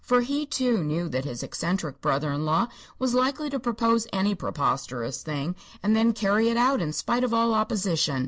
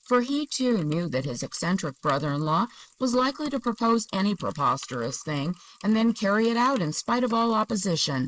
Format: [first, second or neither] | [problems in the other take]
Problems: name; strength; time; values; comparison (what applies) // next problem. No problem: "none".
first | noise reduction (neural mask model Resemble Enhance denoiser)